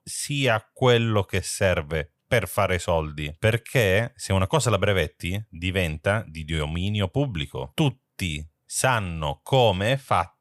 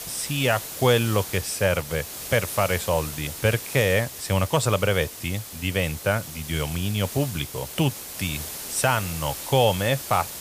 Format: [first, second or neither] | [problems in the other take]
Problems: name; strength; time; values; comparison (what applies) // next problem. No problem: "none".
first | hiss; loud; throughout; 9 dB below the speech